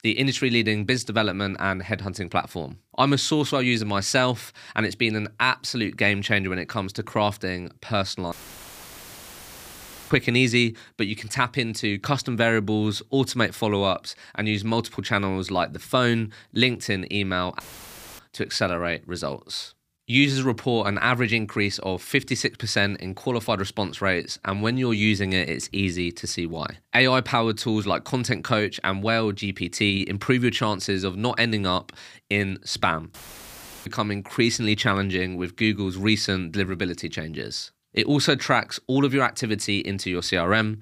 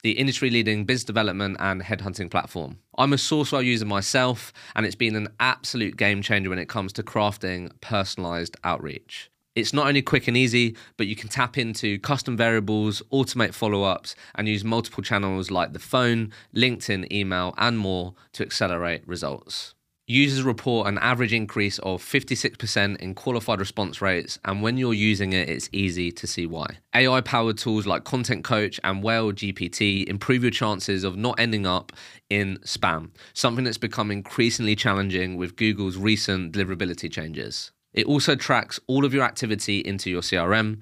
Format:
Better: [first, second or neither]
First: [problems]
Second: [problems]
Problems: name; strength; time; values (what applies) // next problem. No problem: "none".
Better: second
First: audio cutting out; filled with static; at 8.5 s for 2 s, at 18 s for 0.5 s and at 33 s for 0.5 s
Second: none